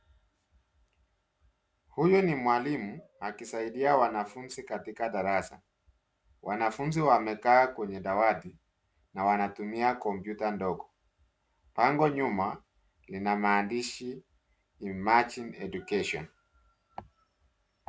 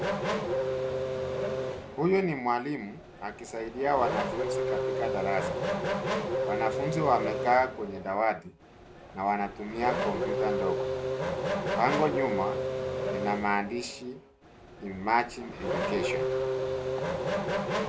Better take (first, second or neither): first